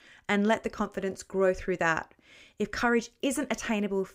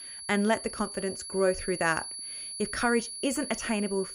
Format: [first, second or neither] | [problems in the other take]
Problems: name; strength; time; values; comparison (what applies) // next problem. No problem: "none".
first | high-pitched whine; loud; throughout; 10.5 kHz, 8 dB below the speech